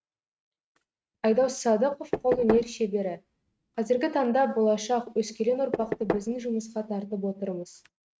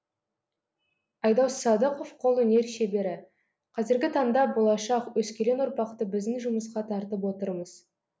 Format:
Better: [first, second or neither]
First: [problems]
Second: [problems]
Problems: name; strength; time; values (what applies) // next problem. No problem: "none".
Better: second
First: noise reduction (neural mask model RNNoise)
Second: none